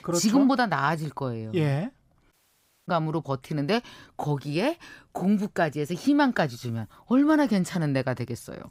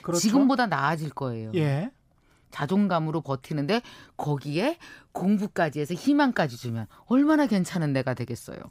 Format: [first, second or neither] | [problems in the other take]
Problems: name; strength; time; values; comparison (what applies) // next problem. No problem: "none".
second | audio cutting out; at 2.5 s for 0.5 s